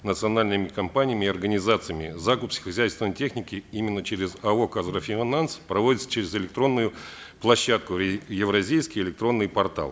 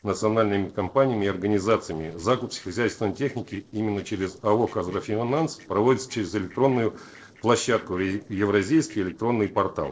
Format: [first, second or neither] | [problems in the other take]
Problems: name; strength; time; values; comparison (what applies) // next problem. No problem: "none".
first | noise reduction (neural separator model SepFormer DNS4)